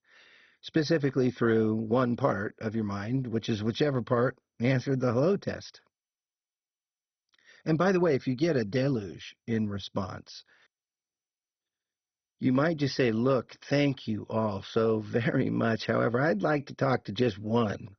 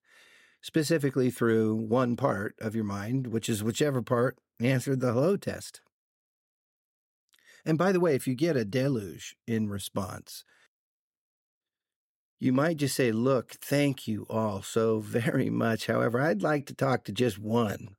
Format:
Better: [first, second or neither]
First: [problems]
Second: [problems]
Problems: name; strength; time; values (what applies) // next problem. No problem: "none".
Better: second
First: garbled, watery; badly; nothing above 6 kHz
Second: none